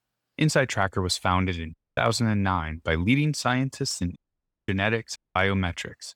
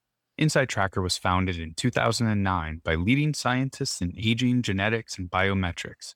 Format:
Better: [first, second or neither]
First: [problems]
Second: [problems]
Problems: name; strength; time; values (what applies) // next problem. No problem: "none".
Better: second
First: audio cutting out; at 1.5 s, at 4 s for 0.5 s and at 5 s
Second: none